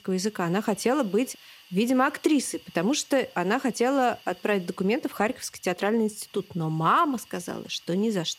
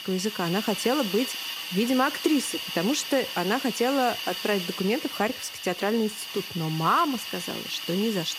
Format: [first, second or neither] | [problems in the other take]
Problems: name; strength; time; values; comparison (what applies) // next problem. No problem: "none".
first | hiss; loud; throughout; 6 dB below the speech; faint in the first